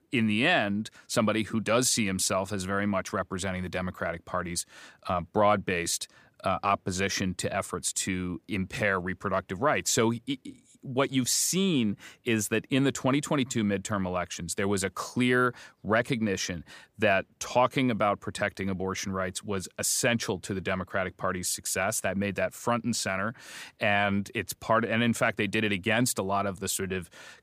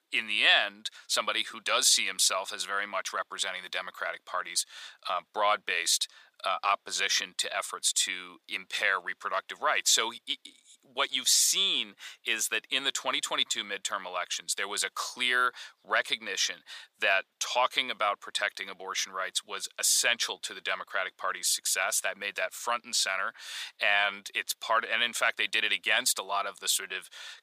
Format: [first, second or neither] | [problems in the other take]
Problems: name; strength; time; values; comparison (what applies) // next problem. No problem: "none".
first | thin; very; fading below 900 Hz